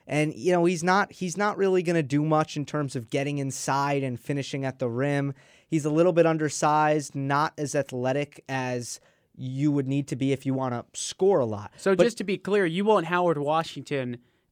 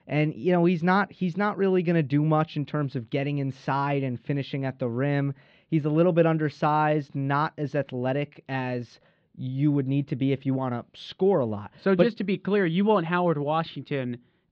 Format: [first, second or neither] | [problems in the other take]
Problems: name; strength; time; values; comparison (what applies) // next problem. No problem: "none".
first | muffled; slightly; fading above 4 kHz